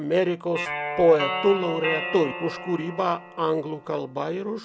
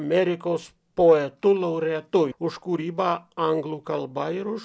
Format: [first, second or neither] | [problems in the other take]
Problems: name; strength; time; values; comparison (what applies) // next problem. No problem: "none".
second | background sound (Guitar); 8 dB below the speech